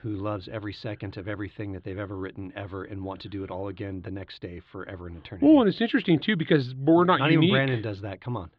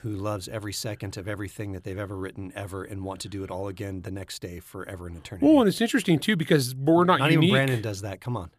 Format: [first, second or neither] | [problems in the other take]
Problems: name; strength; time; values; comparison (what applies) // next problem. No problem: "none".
second | muffled; slightly; fading above 4 kHz